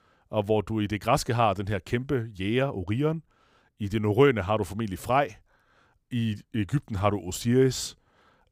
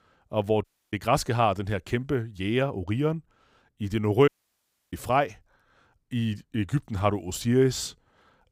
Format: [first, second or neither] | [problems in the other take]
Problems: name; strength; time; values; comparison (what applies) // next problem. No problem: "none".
first | audio cutting out; at 0.5 s and at 4.5 s for 0.5 s